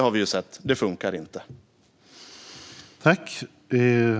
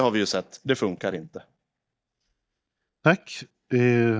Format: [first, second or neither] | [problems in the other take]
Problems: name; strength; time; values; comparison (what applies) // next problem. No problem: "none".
first | noise reduction (neural mask model DeepFilterNet 3)